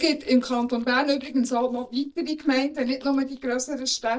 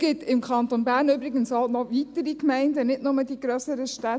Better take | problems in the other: second | noise reduction (neural mask model DeepFilterNet 3)

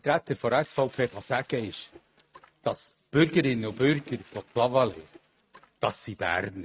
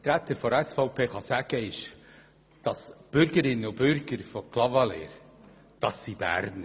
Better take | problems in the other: second | noise reduction (neural mask model RNNoise)

